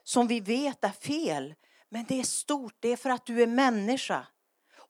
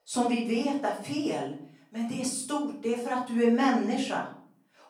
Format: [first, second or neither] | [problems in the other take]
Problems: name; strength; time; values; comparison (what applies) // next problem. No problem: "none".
first | off-mic speech; far // room echo; noticeable; dies away in 0.4 s